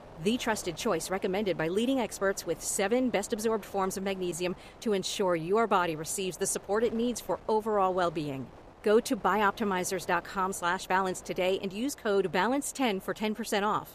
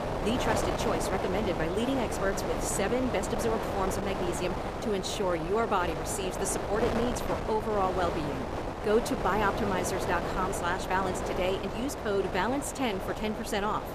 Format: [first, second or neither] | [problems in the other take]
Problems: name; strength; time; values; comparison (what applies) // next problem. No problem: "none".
first | wind noise on the microphone; heavy; 2 dB below the speech; occasional gusts in the first